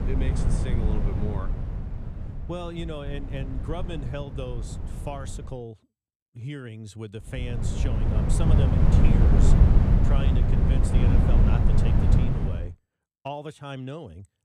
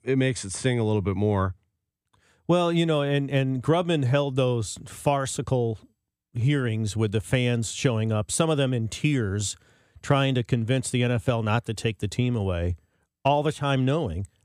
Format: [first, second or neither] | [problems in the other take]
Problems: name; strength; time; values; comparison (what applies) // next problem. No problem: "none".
second | wind noise on the microphone; heavy; until 5.5 s and from 7.5 to 13 s; 4 dB above the speech